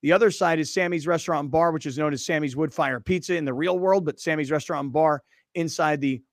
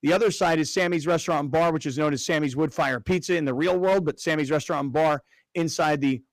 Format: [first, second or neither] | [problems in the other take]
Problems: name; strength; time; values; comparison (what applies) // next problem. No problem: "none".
first | distortion; slight; 8% of the sound clipped